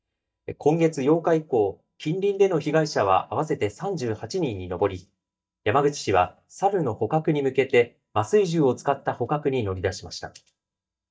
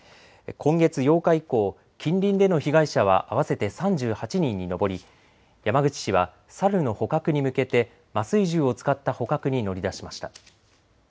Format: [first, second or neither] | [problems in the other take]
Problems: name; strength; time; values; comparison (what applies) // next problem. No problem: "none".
second | noise reduction (neural mask model DeepFilterNet 3)